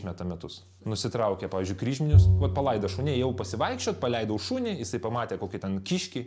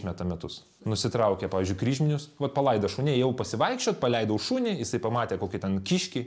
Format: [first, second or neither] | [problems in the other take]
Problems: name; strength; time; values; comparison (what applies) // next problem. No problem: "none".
second | background sound (Bowed string instrument); as loud as the speech